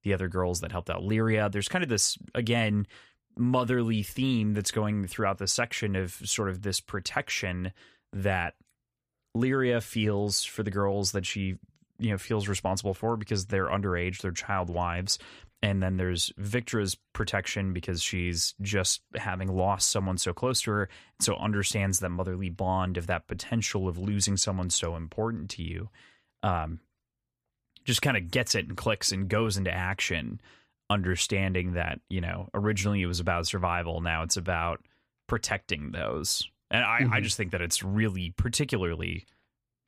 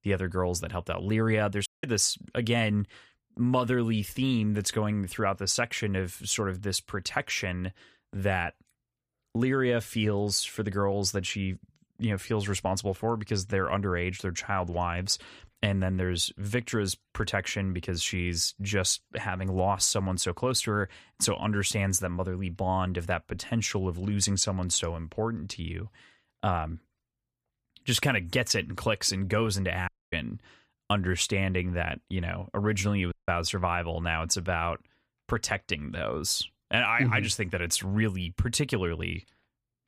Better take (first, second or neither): first